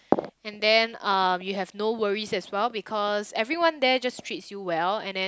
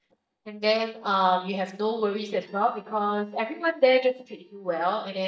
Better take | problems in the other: first | noise reduction (neural mask model DeepFilterNet 3)

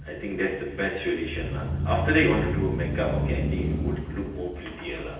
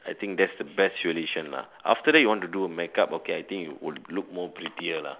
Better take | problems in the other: second | background sound (Engine starting / Accelerating, revving, vroom / Motor vehicle (road)); 1 dB below the speech // room echo; dies away in 0.9 s

